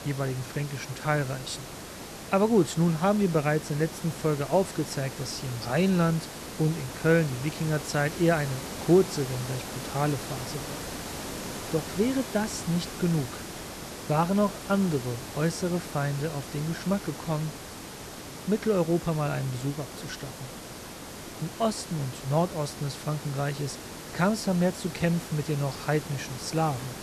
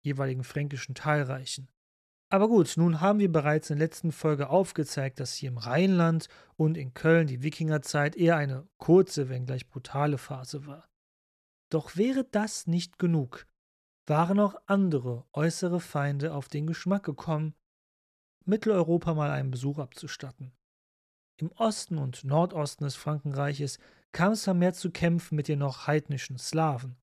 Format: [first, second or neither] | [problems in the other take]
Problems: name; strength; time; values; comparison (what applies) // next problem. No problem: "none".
second | hiss; loud; throughout; 10 dB below the speech